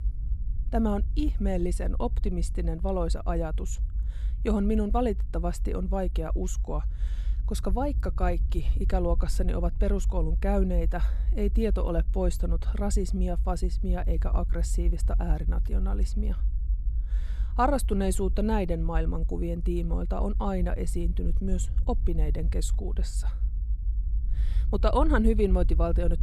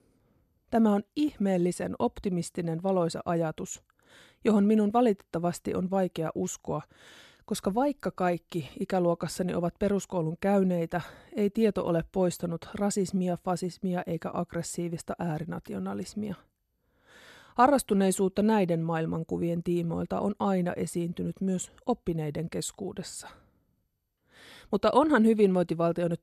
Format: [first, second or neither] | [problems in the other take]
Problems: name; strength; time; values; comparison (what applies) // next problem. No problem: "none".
second | low rumble; noticeable; throughout; 20 dB below the speech